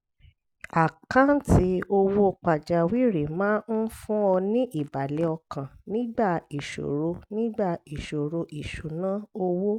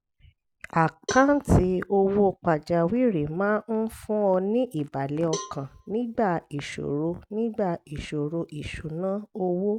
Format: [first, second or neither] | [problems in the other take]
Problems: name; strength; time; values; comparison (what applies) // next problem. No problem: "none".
first | background sound (Cowbell); 16 dB below the speech